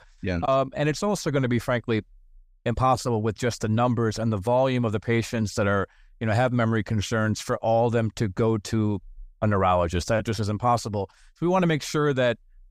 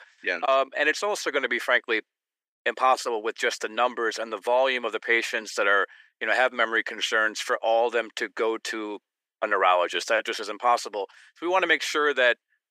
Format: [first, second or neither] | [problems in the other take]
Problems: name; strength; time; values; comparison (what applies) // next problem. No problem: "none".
first | thin; very; fading below 350 Hz